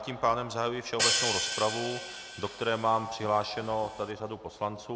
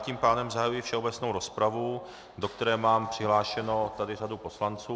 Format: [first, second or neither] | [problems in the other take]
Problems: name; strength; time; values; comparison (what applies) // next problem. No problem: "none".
second | background sound (Hi-hat); 2 dB below the speech